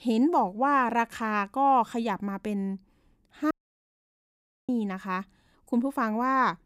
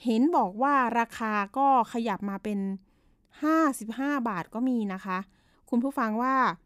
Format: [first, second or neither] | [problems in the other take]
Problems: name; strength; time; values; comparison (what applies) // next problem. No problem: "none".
second | audio cutting out; at 3.5 s for 1 s